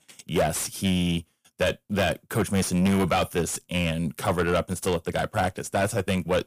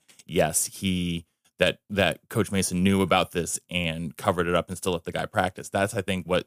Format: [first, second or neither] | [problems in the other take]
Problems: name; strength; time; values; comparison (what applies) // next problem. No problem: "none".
second | distortion; heavy; 7 dB below the speech